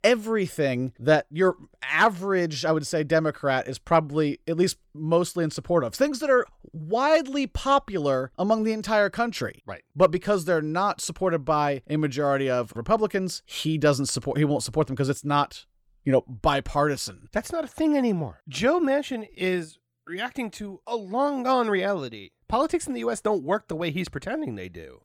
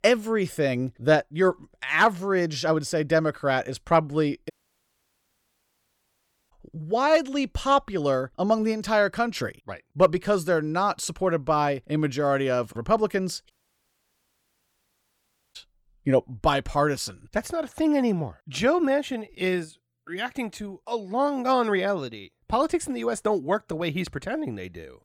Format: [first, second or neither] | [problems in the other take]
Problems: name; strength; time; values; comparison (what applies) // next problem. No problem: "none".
first | audio cutting out; at 4.5 s for 2 s and at 14 s for 2 s